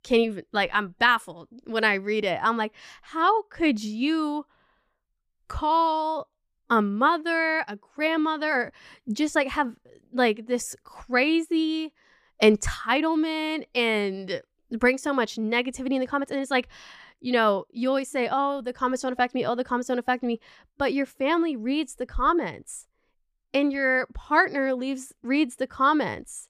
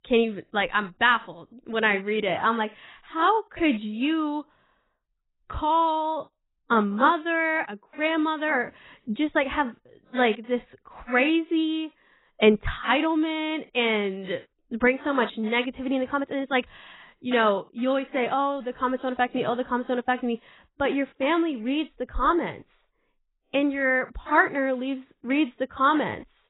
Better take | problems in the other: first | garbled, watery; badly; nothing above 4 kHz

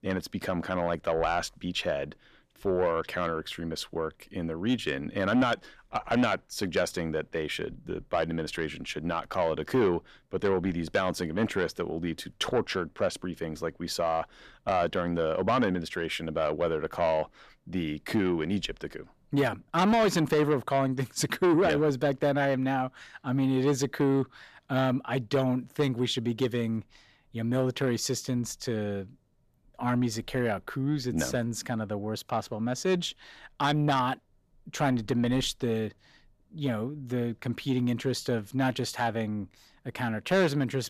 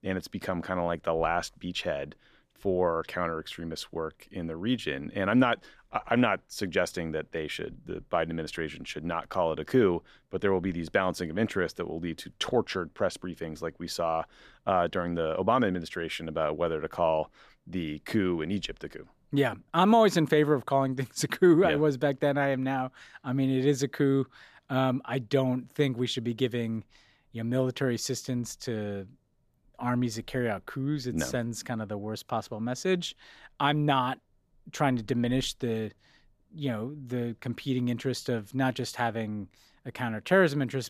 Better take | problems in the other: second | distortion; slight; 10 dB below the speech

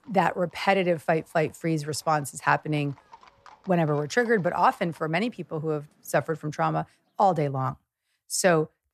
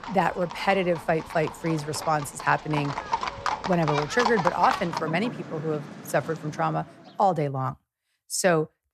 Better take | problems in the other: first | animal sounds; loud; until 7 s; 7 dB below the speech; faint in the first

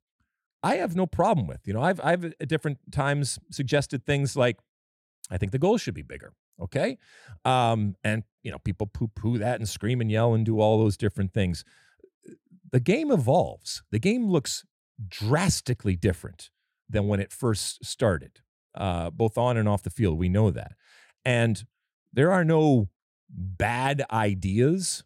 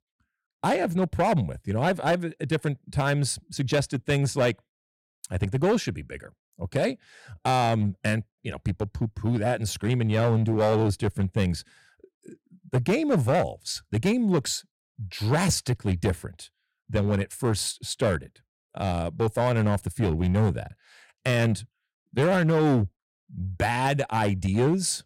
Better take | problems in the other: first | distortion; slight; 6% of the sound clipped

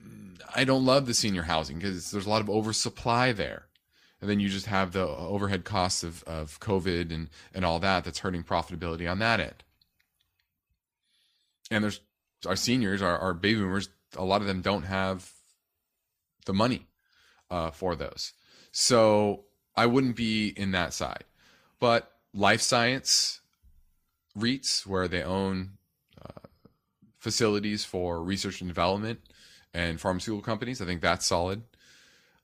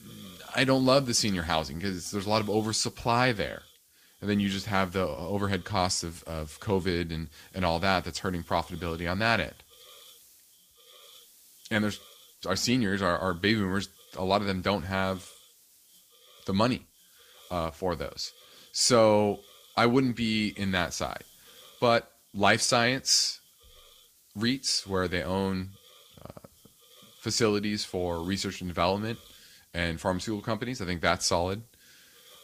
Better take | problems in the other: first | hiss; faint; throughout; 25 dB below the speech

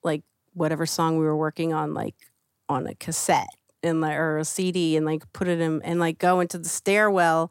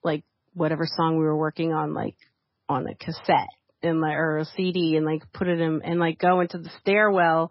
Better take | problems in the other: first | garbled, watery; badly; nothing above 5.5 kHz

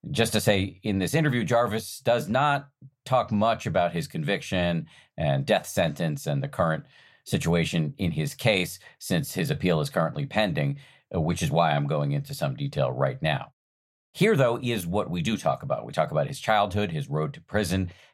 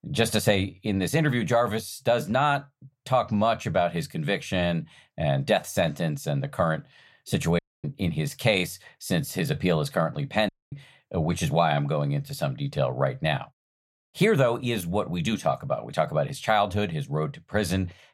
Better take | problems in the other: first | audio cutting out; at 7.5 s and at 10 s

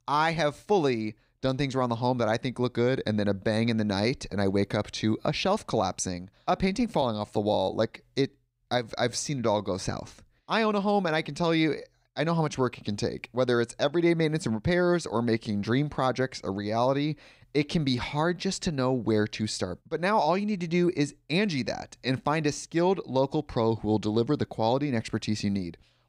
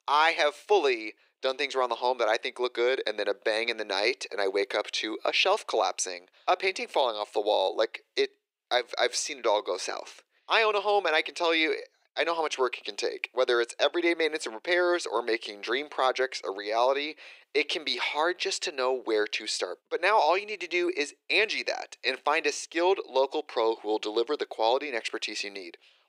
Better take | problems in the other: first | thin; very; fading below 350 Hz

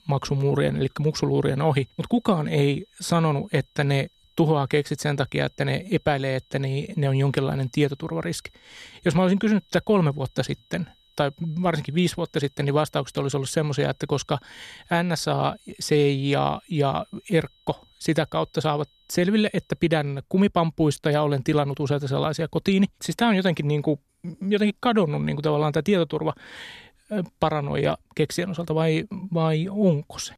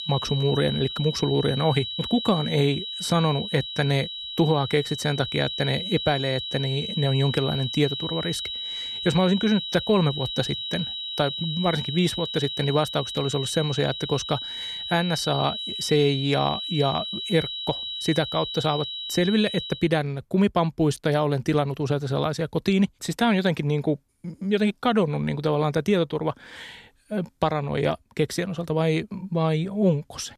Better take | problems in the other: first | high-pitched whine; loud; until 20 s; 4 kHz, 5 dB below the speech; faint in the first

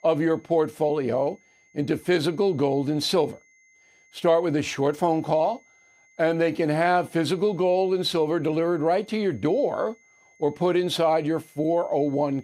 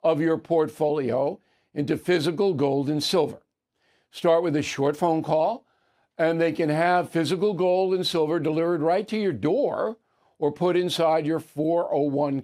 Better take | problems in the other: second | high-pitched whine; faint; throughout; 2 kHz, 35 dB below the speech

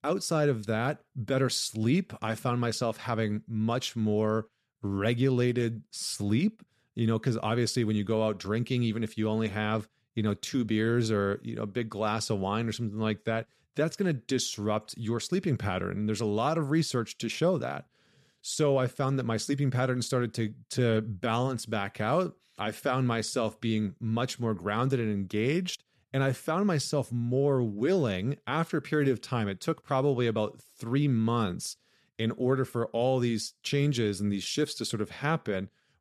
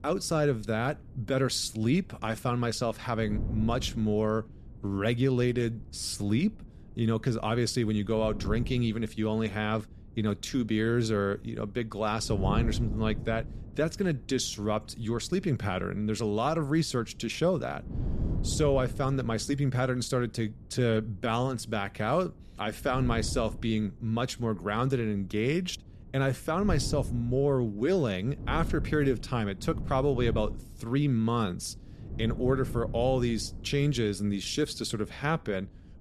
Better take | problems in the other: first | wind noise on the microphone; occasional gusts; 20 dB below the speech

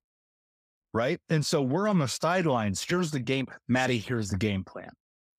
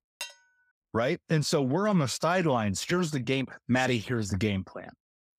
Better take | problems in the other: first | clattering dishes; faint; at the start; peak 10 dB below the speech

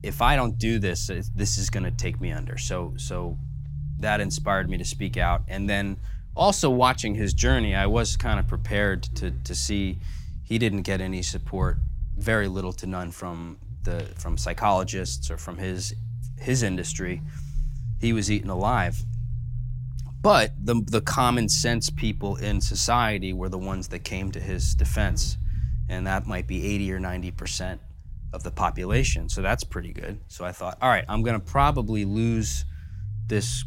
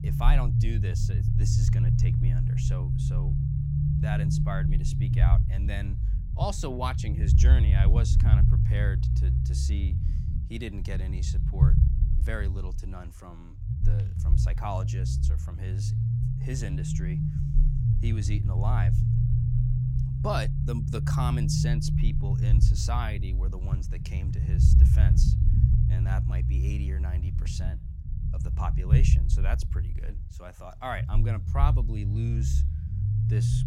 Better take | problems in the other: first | low rumble; loud; throughout; 1 dB below the speech; faint in the first

